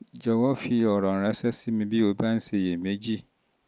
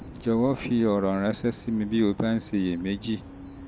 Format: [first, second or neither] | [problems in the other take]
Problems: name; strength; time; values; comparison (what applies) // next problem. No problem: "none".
first | background sound (Bird vocalization, bird call, bird song); 17 dB below the speech